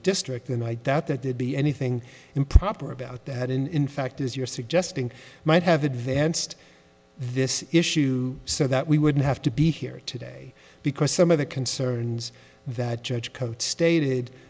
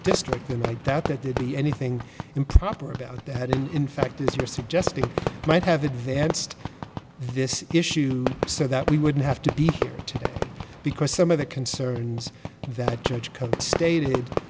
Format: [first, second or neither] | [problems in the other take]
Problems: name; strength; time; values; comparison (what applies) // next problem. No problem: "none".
first | background sound (Fireworks); 6 dB below the speech